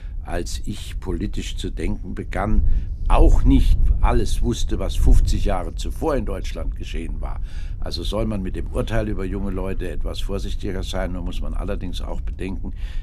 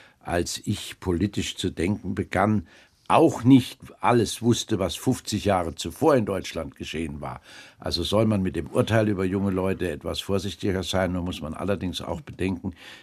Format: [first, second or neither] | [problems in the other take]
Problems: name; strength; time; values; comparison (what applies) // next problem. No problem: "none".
second | wind noise on the microphone; occasional gusts; 20 dB below the speech